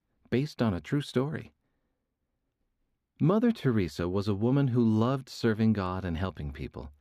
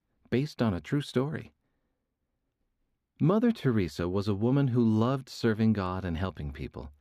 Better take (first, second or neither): neither